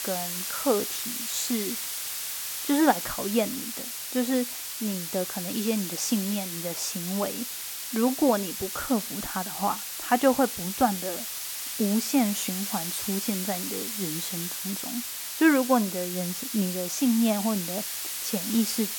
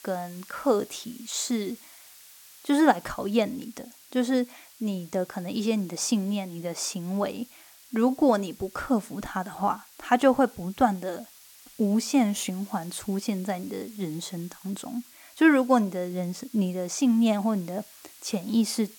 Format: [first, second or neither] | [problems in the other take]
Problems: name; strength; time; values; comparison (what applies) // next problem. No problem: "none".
second | hiss; loud; throughout; 3 dB below the speech; faint in the second